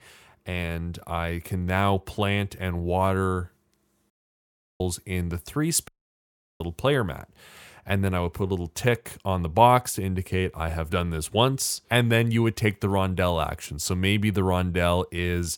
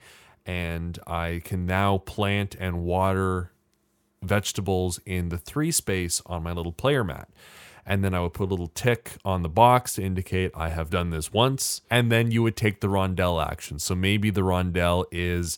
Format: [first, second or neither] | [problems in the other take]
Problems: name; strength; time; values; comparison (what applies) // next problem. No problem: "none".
second | audio cutting out; at 4 s for 0.5 s and at 6 s for 0.5 s